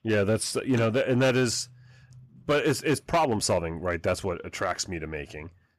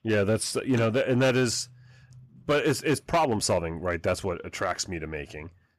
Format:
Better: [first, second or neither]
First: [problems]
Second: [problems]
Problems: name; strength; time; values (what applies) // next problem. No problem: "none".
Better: neither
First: distortion; slight; 5% of the sound clipped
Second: distortion; slight; 5% of the sound clipped